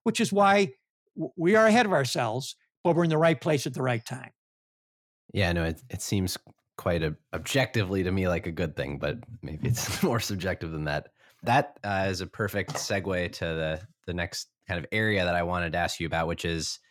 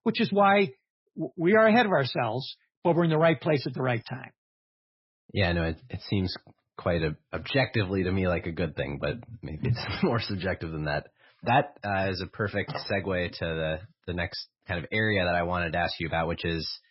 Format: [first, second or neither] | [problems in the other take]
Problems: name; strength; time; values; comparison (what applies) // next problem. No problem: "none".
first | garbled, watery; badly; nothing above 5.5 kHz